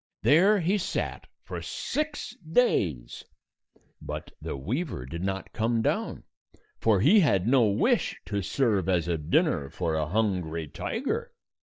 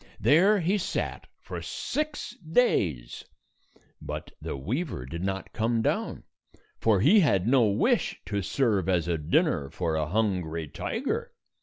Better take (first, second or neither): second